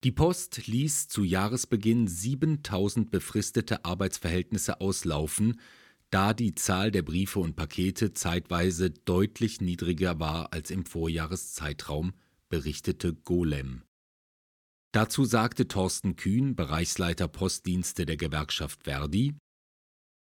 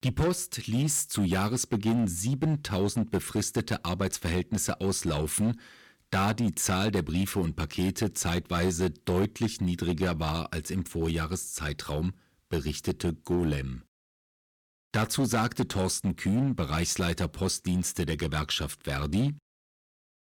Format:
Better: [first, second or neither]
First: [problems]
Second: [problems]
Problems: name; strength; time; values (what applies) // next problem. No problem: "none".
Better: first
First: none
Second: distortion; slight; 7% of the sound clipped